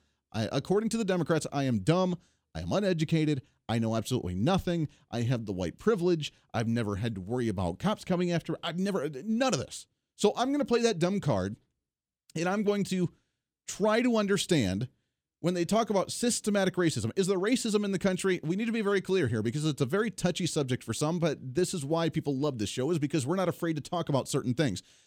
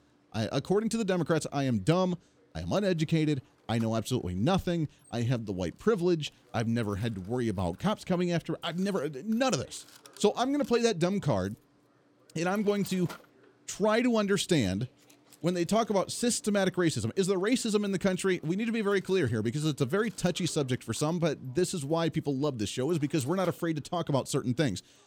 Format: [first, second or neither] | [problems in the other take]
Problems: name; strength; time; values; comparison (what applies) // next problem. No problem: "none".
first | machinery noise; faint; throughout; 25 dB below the speech